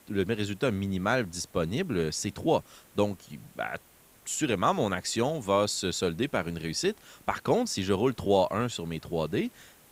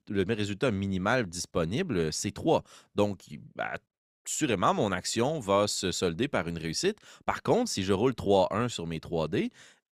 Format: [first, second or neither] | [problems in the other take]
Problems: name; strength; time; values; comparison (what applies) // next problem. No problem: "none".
second | hiss; faint; throughout; 25 dB below the speech